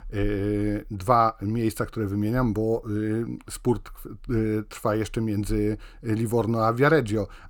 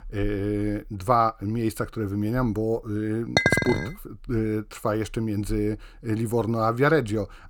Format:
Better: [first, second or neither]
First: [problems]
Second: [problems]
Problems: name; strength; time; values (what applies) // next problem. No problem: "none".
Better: first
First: none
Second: clattering dishes; loud; at 3.5 s; peak 5 dB above the speech